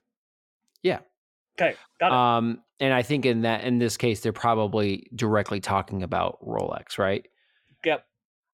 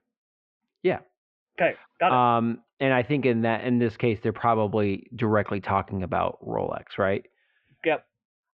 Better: first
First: none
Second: muffled; very; fading above 2.5 kHz

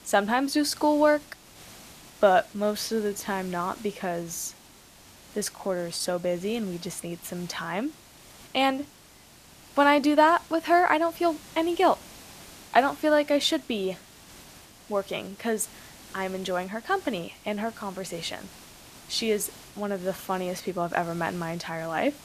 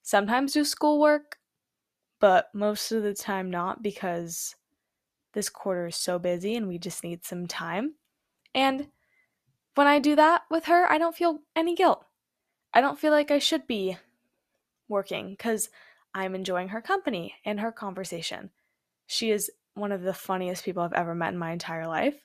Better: second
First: hiss; faint; throughout; 20 dB below the speech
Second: none

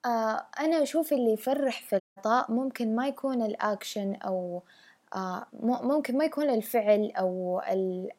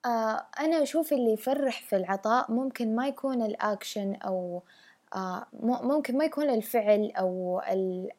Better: second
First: audio cutting out; at 2 s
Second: none

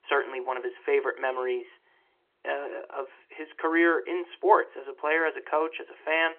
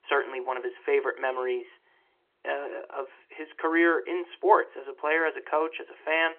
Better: neither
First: phone-call audio; nothing above 3 kHz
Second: phone-call audio; nothing above 3 kHz

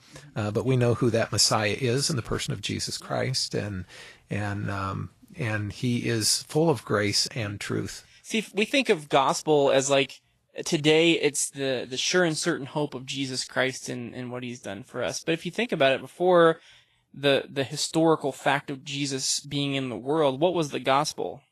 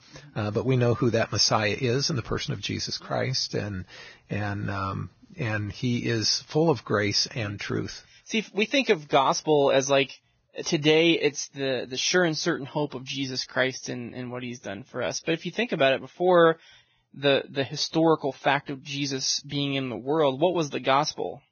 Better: first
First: garbled, watery; slightly; nothing above 11.5 kHz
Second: garbled, watery; badly; nothing above 6.5 kHz

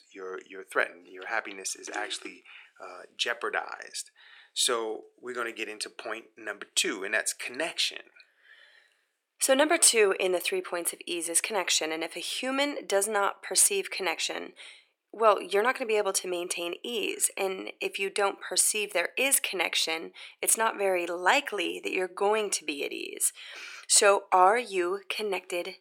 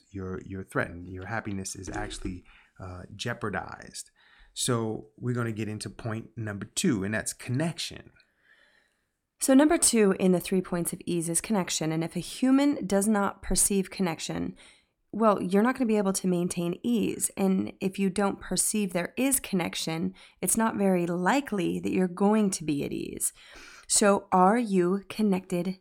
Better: second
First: thin; very; fading below 400 Hz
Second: none

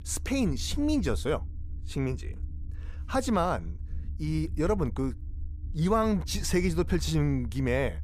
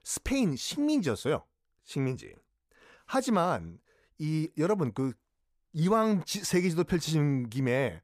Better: second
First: low rumble; faint; throughout; 25 dB below the speech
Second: none

